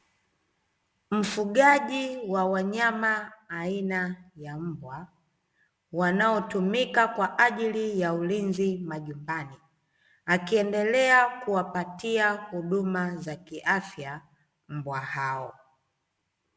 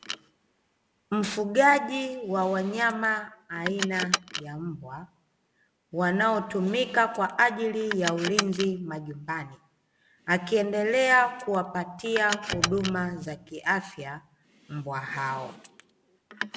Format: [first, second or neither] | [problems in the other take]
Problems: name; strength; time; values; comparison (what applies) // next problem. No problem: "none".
first | background sound (Drum + Car); 10 dB below the speech